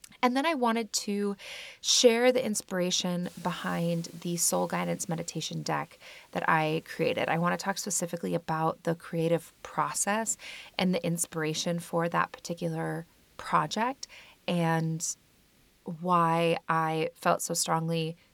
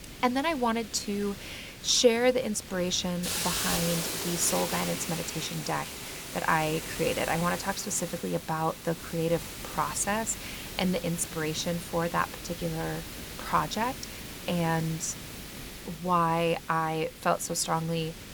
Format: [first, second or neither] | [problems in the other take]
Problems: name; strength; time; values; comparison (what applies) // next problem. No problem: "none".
first | hiss; loud; throughout; 7 dB below the speech; faint in the first